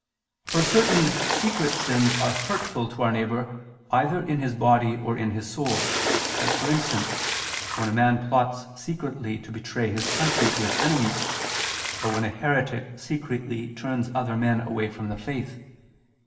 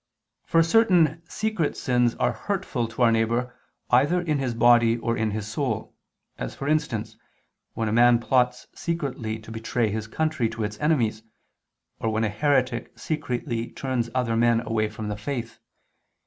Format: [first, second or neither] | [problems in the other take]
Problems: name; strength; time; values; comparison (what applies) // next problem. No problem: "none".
second | background sound (Splash, splatter); 1 dB below the speech // room echo; dies away in 1 s